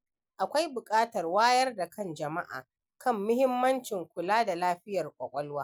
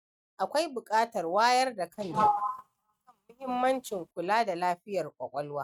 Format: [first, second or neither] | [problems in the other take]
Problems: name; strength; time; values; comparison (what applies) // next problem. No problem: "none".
first | noise reduction (neural mask model RNNoise)